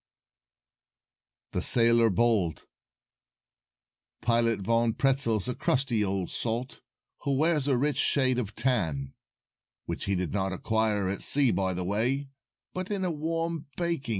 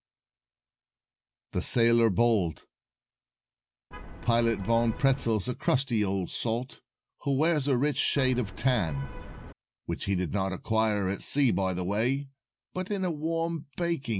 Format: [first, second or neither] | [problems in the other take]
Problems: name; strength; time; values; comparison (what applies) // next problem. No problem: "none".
first | background sound (Vehicle horn, car horn, honking); 11 dB below the speech